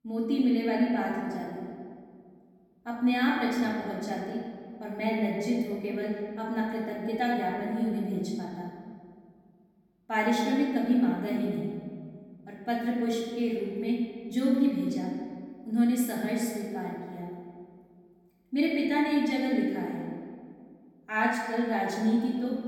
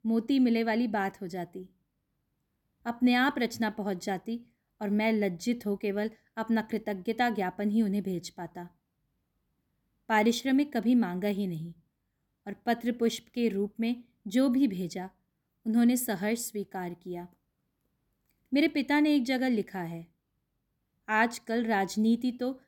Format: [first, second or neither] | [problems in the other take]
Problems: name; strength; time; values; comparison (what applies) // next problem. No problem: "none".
second | off-mic speech; far // room echo; noticeable; dies away in 1.7 s